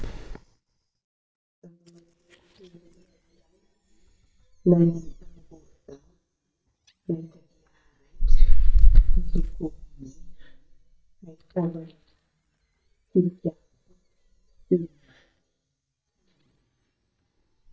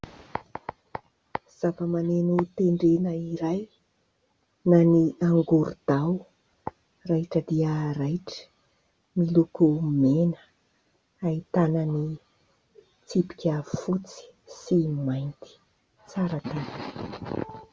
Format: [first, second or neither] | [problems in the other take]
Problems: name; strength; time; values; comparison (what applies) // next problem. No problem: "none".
second | noise reduction (neural mask model DeepFilterNet 3)